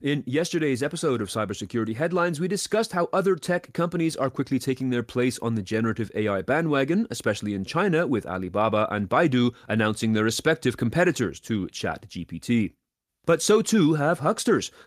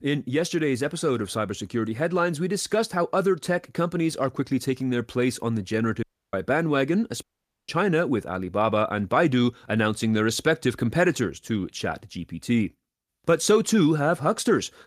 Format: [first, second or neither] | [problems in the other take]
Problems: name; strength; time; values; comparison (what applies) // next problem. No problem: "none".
first | audio cutting out; at 6 s and at 7 s